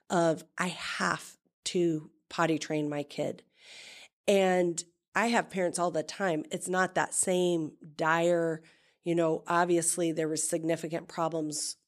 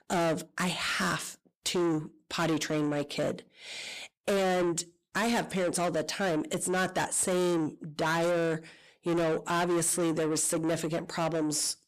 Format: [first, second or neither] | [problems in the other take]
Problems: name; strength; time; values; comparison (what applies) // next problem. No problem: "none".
first | distortion; heavy; 6 dB below the speech